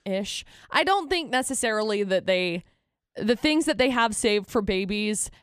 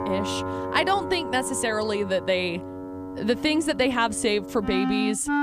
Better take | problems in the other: first | background music; loud; throughout; 7 dB below the speech

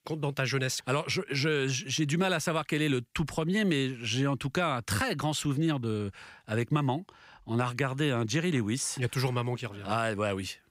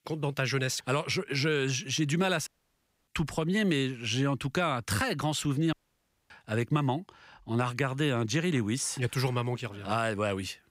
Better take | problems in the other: first | audio cutting out; at 2.5 s for 0.5 s and at 5.5 s for 0.5 s

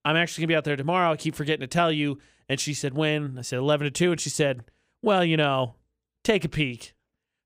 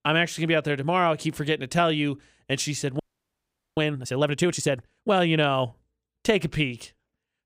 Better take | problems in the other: first | audio freezing; at 3 s for 1 s

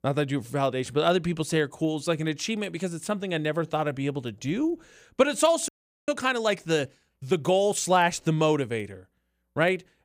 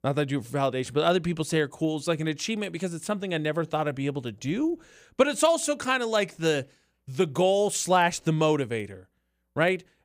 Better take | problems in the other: second | audio freezing; at 5.5 s

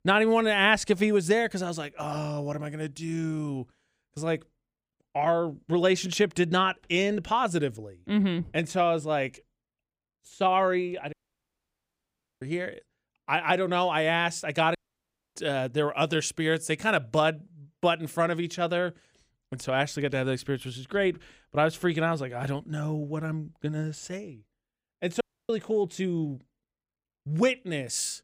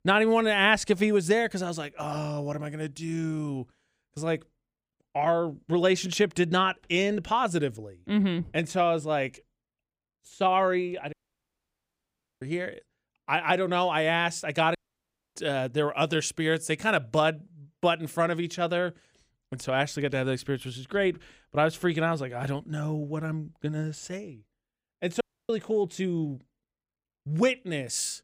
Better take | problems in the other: neither | audio cutting out; at 11 s for 1.5 s, at 15 s for 0.5 s and at 25 s; the same in both

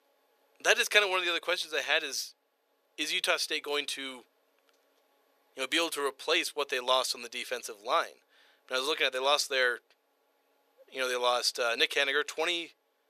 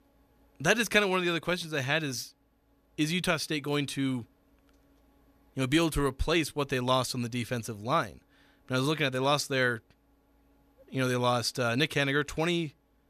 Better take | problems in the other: second | thin; very; fading below 450 Hz

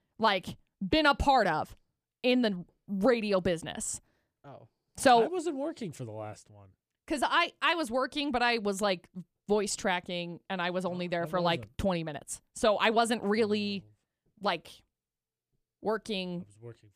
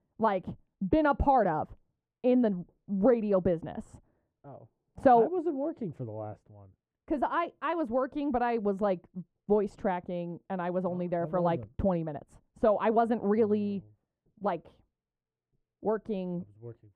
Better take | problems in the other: first | muffled; very; fading above 2 kHz

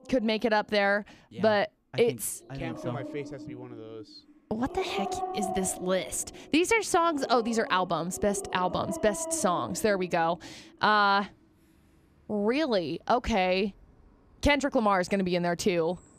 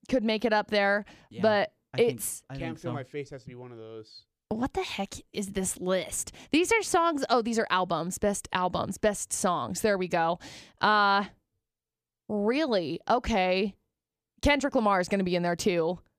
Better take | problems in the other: second | animal sounds; noticeable; throughout; 10 dB below the speech

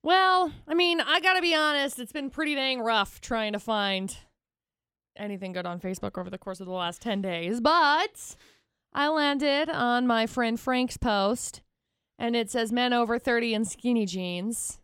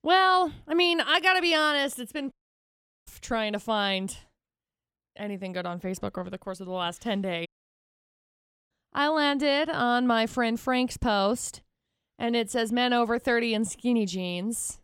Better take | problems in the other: first | audio cutting out; at 2.5 s for 0.5 s and at 7.5 s for 1 s

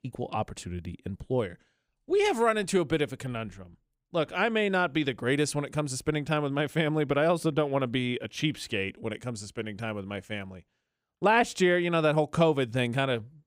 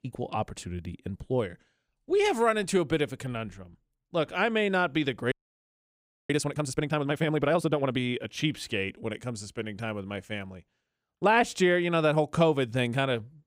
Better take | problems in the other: first | audio freezing; at 5.5 s for 1 s

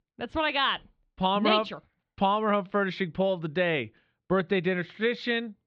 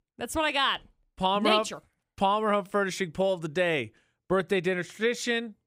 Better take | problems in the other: second | muffled; very slightly; fading above 4 kHz

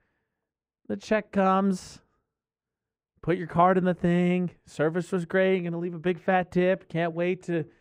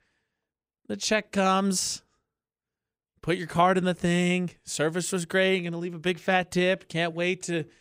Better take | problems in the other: second | muffled; very; fading above 2.5 kHz

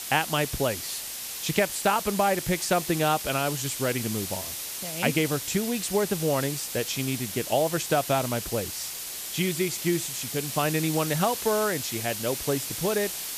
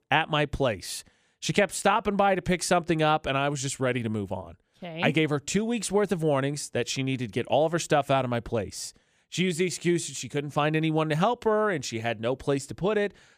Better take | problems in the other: second | hiss; loud; throughout; 5 dB below the speech

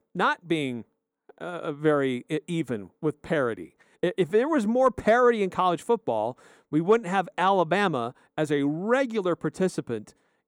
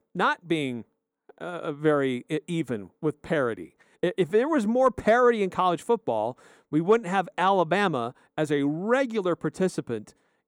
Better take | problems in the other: neither | muffled; slightly; fading above 2 kHz; the same in both

